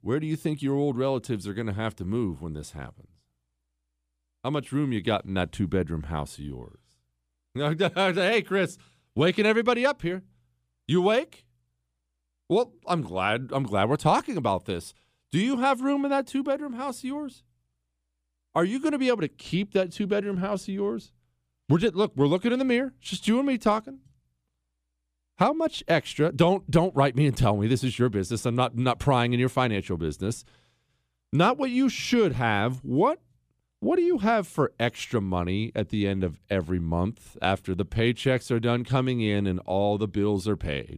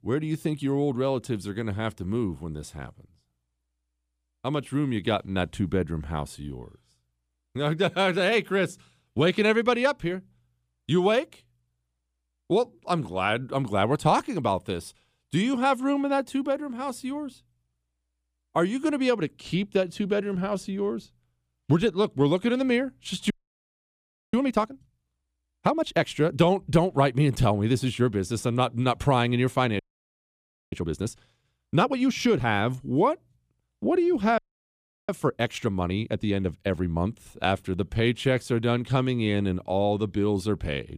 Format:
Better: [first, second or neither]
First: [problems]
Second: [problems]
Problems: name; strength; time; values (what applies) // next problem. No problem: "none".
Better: first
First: none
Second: audio freezing; at 23 s for 1 s, at 30 s for 1 s and at 34 s for 0.5 s